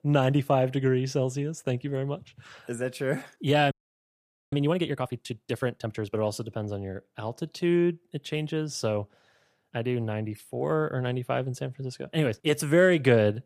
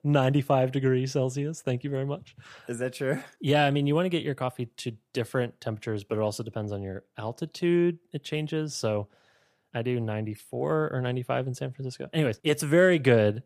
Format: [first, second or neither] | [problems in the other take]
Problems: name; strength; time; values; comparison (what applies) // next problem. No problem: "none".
second | audio freezing; at 3.5 s for 1 s